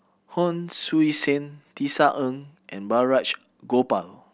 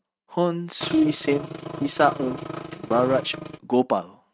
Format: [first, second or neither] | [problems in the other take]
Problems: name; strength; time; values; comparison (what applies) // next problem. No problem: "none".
first | noise reduction (neural mask model RNNoise)